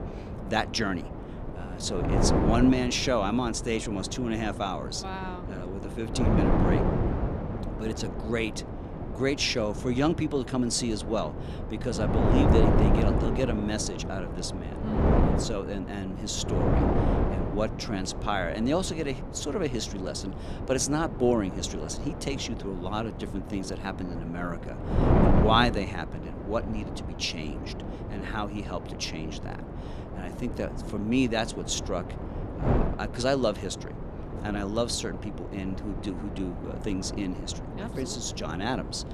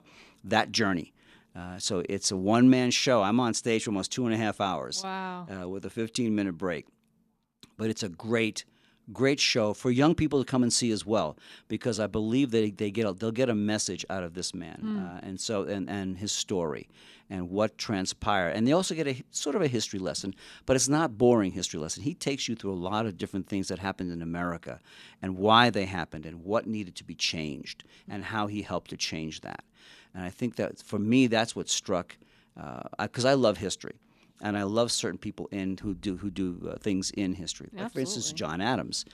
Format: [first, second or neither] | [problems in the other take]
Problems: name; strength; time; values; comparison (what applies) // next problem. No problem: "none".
second | wind noise on the microphone; heavy; 4 dB below the speech